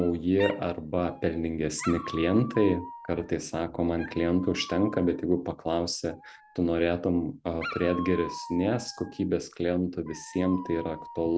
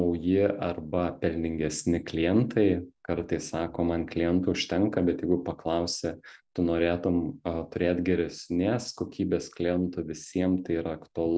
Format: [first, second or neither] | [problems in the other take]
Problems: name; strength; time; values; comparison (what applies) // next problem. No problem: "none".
second | background sound (Dog); 15 dB below the speech